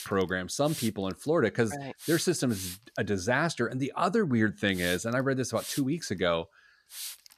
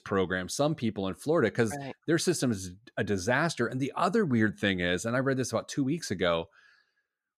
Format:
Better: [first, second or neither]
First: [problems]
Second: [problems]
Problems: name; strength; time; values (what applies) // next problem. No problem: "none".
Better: second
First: hiss; noticeable; throughout; 10 dB below the speech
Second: none